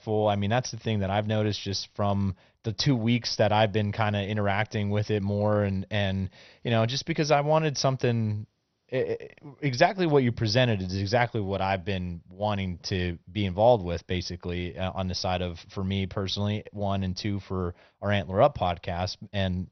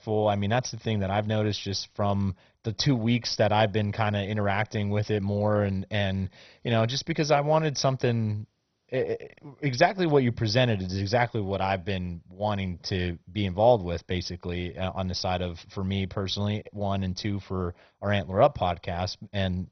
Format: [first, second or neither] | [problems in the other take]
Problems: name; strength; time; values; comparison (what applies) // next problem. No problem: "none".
first | garbled, watery; badly; nothing above 6 kHz; slightly in the first